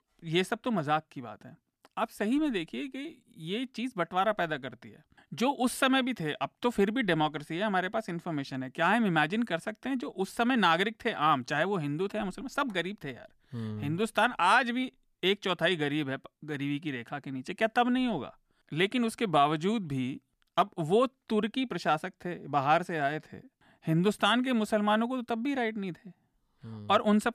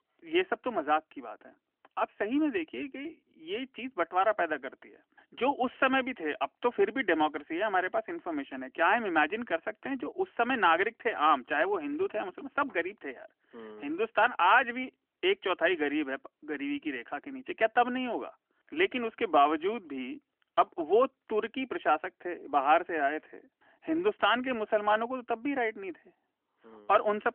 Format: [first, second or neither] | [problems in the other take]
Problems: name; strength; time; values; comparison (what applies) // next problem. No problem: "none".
first | phone-call audio; nothing above 3 kHz